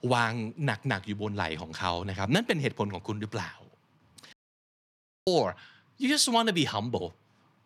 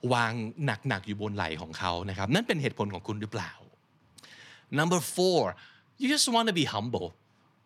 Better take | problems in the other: second | audio cutting out; at 4.5 s for 1 s

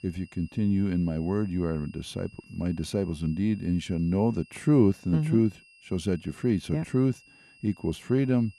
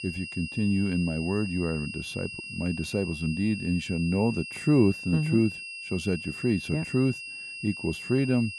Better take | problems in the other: first | high-pitched whine; loud; throughout; 2.5 kHz, 9 dB below the speech; faint in the first

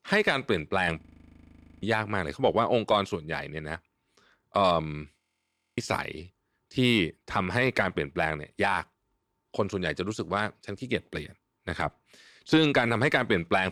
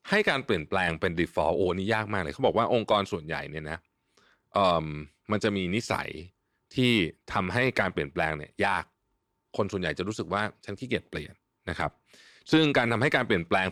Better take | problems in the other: second | audio freezing; at 1 s for 1 s and at 5 s for 0.5 s

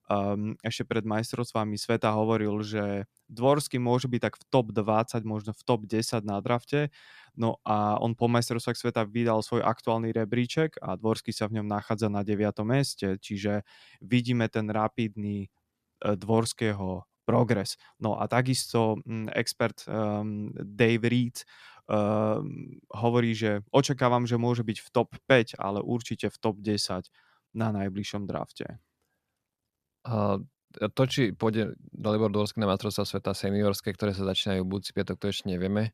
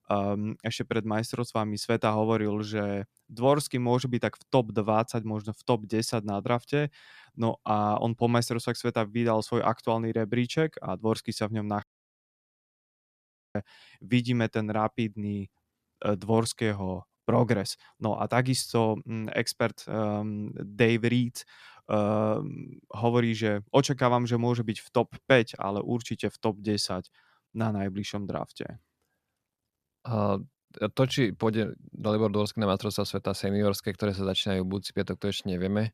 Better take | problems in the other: first | audio cutting out; at 12 s for 1.5 s

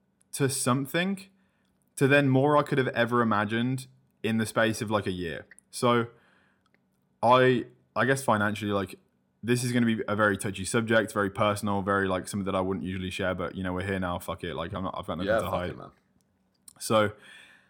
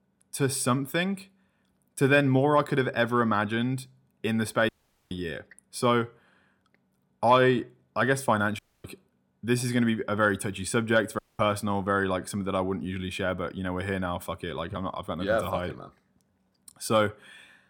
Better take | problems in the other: first | audio cutting out; at 4.5 s, at 8.5 s and at 11 s

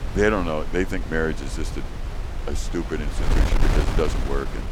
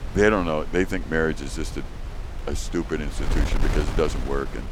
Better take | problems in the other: second | wind noise on the microphone; heavy; 7 dB below the speech; occasional gusts in the second

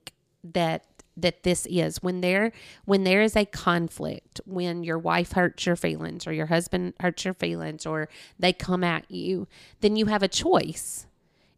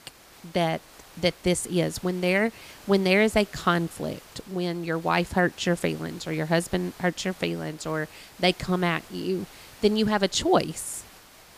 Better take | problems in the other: first | hiss; faint; throughout; 20 dB below the speech

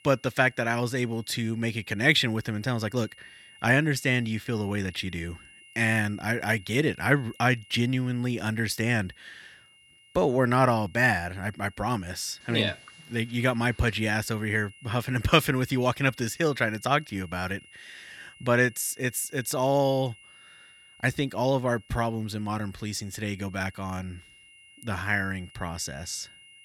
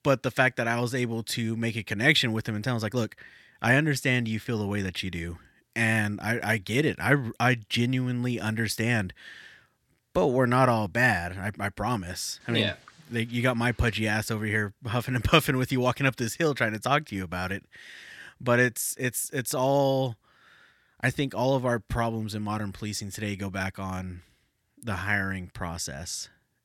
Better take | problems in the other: second | high-pitched whine; faint; throughout; 3 kHz, 25 dB below the speech

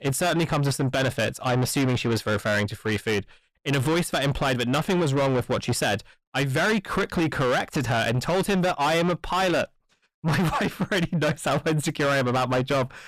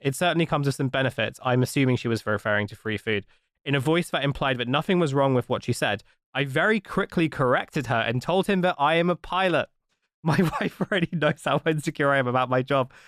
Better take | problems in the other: second | distortion; heavy; 7 dB below the speech

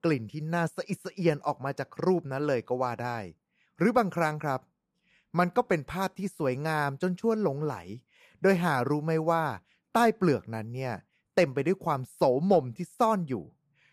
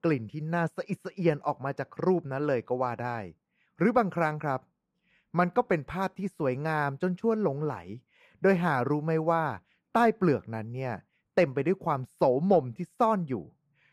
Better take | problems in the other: first | muffled; very slightly; fading above 3.5 kHz

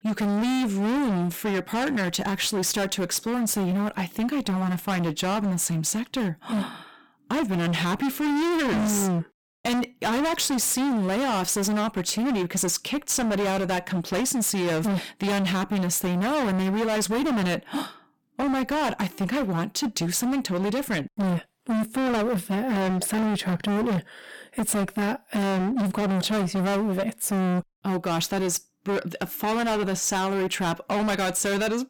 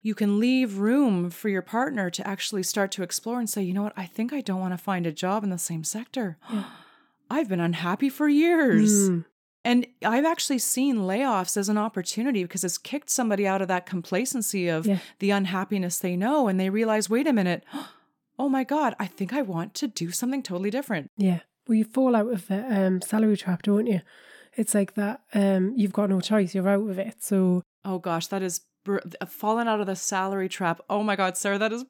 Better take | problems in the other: second | distortion; heavy; 37% of the sound clipped

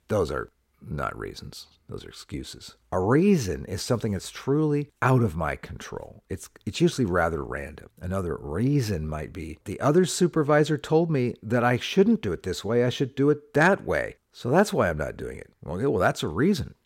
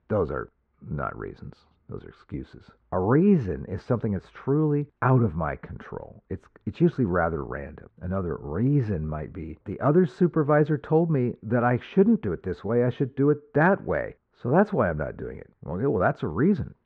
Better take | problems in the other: first | muffled; very; fading above 1.5 kHz

